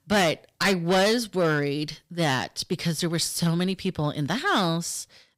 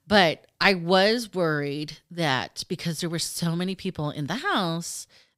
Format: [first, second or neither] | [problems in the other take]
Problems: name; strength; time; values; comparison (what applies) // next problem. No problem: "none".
second | distortion; heavy; 7% of the sound clipped